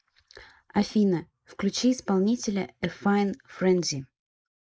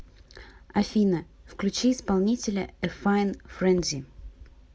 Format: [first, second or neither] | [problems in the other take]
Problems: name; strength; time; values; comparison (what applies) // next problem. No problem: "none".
second | noise reduction (neural mask model Resemble Enhance denoiser)